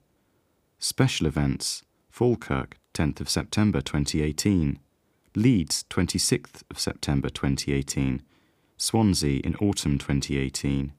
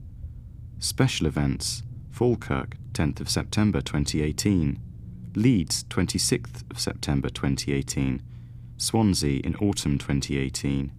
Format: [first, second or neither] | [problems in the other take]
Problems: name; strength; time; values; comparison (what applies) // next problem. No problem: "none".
first | low rumble; faint; throughout; 25 dB below the speech